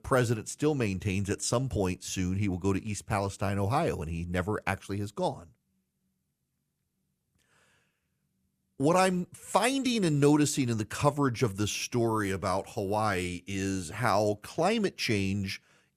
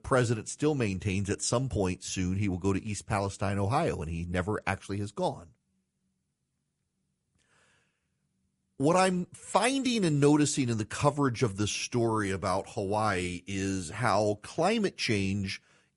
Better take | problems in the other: first | garbled, watery; slightly; nothing above 11 kHz

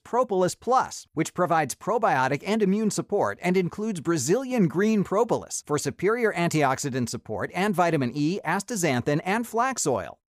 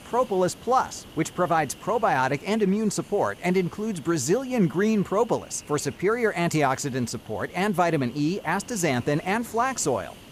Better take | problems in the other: first | hiss; faint; throughout; 20 dB below the speech

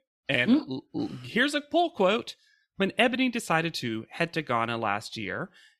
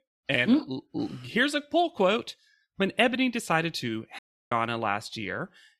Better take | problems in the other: first | audio cutting out; at 4 s

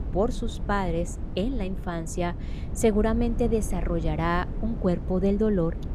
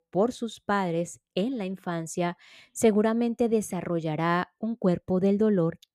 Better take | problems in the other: second | wind noise on the microphone; occasional gusts; 15 dB below the speech

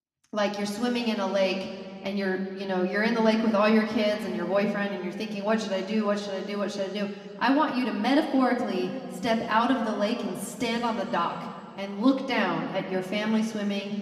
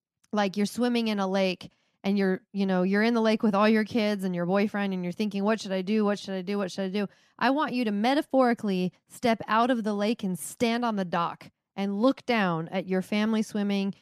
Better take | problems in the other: second | room echo; slight; dies away in 2.3 s // off-mic speech; somewhat distant

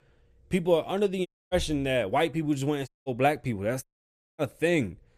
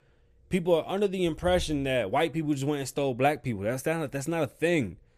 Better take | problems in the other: second | audio cutting out; at 1.5 s, at 3 s and at 4 s for 0.5 s

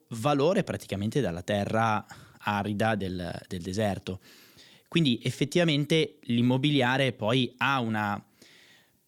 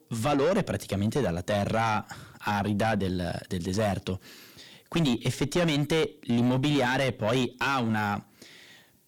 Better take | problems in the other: first | distortion; heavy; 6 dB below the speech

